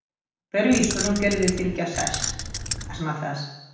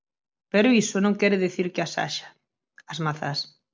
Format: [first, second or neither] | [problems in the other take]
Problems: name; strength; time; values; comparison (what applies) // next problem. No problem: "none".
second | background sound (Keys jangling); 4 dB below the speech // room echo; dies away in 0.9 s